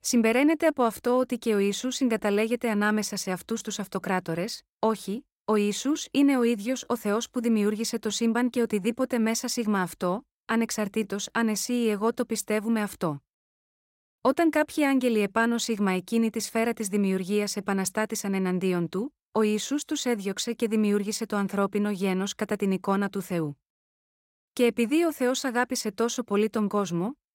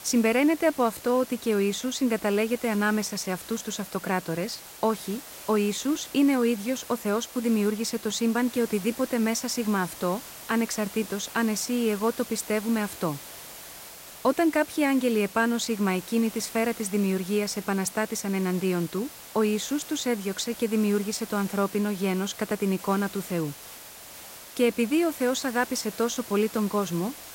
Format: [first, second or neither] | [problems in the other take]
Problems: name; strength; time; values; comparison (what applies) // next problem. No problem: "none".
first | hiss; noticeable; throughout; 15 dB below the speech